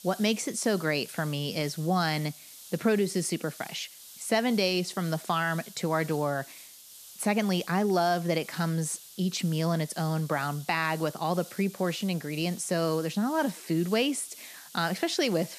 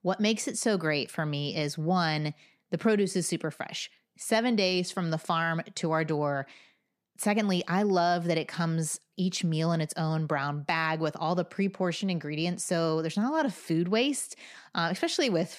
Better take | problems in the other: second | hiss; noticeable; throughout; 15 dB below the speech

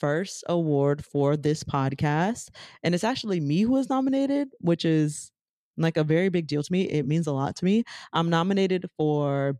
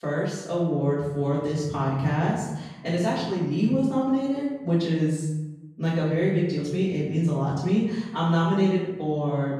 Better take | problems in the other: first | off-mic speech; far // room echo; noticeable; dies away in 0.9 s

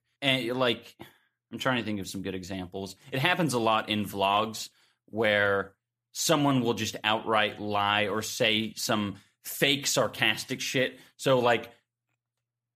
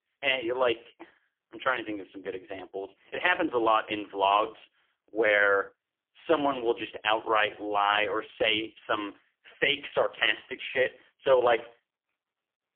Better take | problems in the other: first | phone-call audio; poor line; nothing above 3.5 kHz

